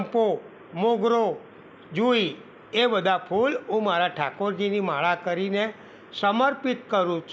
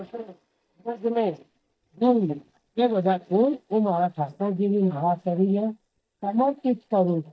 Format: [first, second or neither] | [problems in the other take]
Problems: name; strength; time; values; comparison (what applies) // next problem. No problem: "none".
first | noise reduction (neural mask model DeepFilterNet 3)